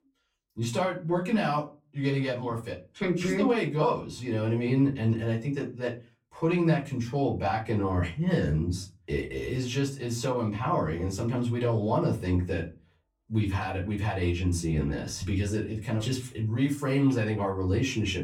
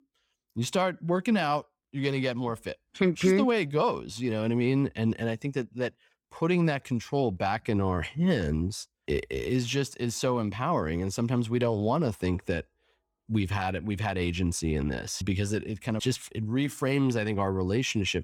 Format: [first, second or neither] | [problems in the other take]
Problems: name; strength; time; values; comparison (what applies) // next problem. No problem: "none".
second | off-mic speech; far // room echo; very slight; dies away in 0.3 s